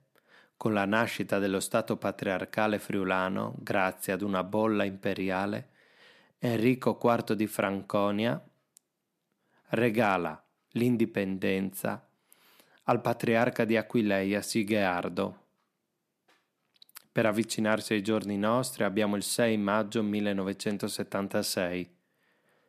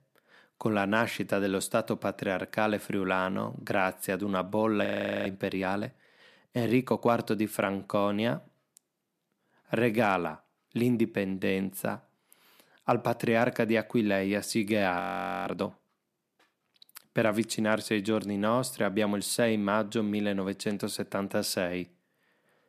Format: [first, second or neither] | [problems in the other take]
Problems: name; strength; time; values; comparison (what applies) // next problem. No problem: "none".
first | audio freezing; at 5 s and at 15 s